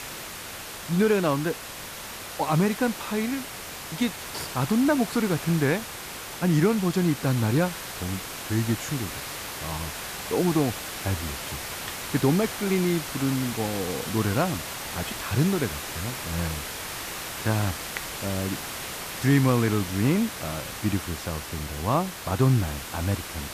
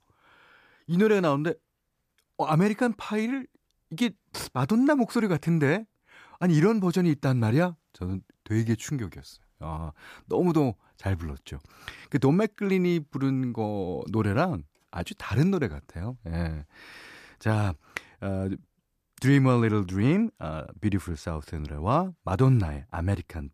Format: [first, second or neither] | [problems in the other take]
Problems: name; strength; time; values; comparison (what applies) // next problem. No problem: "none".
second | hiss; loud; throughout; 7 dB below the speech